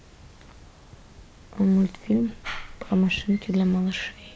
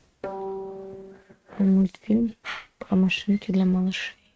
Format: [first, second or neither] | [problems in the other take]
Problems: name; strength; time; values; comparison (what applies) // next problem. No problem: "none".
first | noise reduction (neural mask model RNNoise)